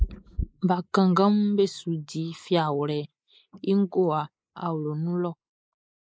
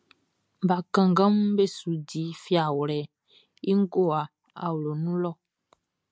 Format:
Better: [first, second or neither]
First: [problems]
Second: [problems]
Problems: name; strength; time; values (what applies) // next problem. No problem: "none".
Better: second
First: noise reduction (neural mask model Resemble Enhance denoiser)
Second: none